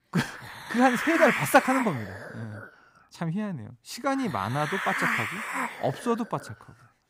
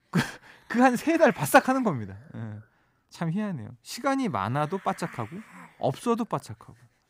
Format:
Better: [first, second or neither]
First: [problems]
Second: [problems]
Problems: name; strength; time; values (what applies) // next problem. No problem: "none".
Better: second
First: hiss; loud; throughout; 3 dB below the speech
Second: hiss; faint; throughout; 20 dB below the speech